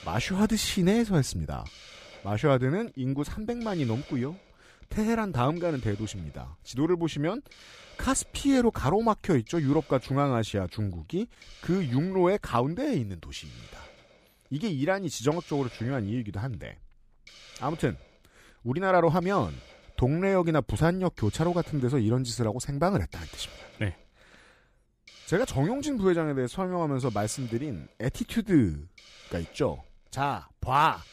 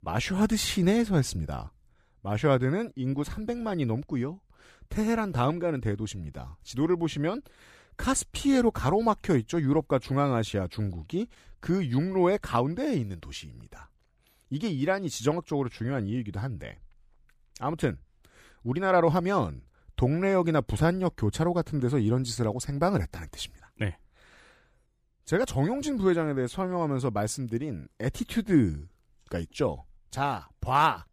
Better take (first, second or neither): second